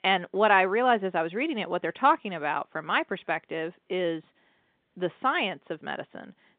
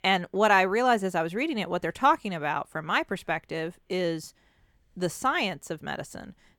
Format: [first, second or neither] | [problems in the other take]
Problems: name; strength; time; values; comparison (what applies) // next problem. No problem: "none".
second | phone-call audio